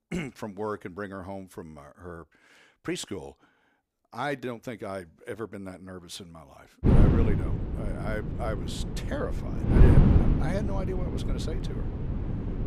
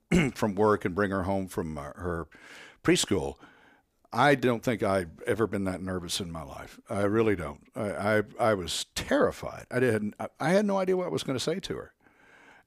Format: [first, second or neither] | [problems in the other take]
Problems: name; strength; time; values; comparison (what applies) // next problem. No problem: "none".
second | wind noise on the microphone; heavy; from 7 s on; 2 dB above the speech